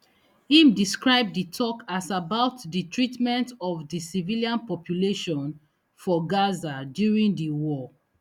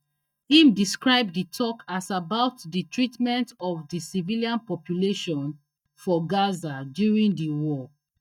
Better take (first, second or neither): first